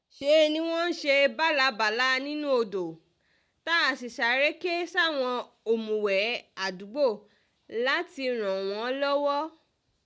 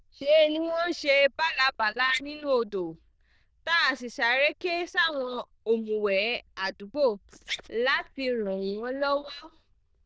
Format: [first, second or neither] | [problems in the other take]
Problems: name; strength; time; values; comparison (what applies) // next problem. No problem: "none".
first | noise reduction (neural diffusion model UNIVERSE++)